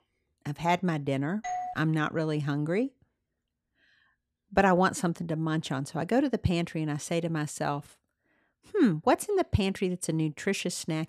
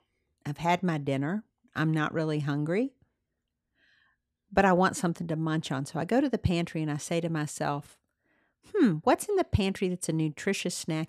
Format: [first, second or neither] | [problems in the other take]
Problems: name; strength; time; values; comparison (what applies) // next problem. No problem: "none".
second | doorbell; noticeable; at 1.5 s; peak 6 dB below the speech